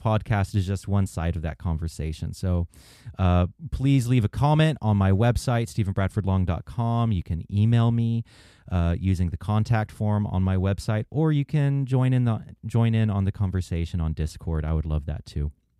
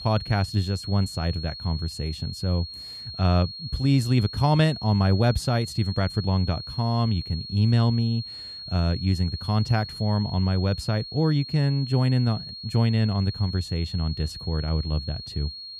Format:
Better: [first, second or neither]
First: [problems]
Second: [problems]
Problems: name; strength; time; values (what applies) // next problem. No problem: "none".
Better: first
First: none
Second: high-pitched whine; noticeable; throughout; 4.5 kHz, 10 dB below the speech